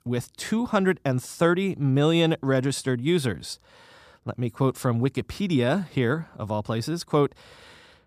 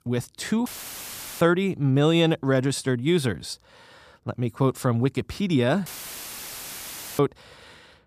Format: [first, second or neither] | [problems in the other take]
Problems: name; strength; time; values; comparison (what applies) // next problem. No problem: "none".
first | audio cutting out; filled with static; at 0.5 s for 0.5 s and at 6 s for 1.5 s